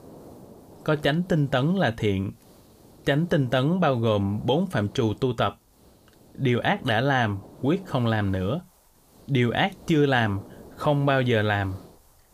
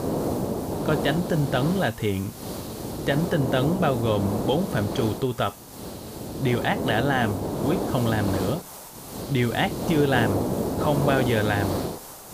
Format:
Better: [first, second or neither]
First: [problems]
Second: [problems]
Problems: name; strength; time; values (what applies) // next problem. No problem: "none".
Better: first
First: hiss; faint; throughout; 25 dB below the speech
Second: hiss; loud; throughout; 4 dB below the speech